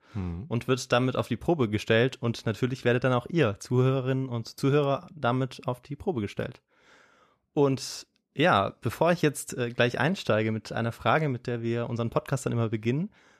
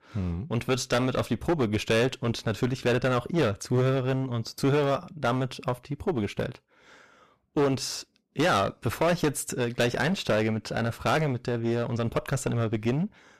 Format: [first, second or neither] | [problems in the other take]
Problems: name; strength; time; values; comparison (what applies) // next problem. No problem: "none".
first | distortion; heavy; 11% of the sound clipped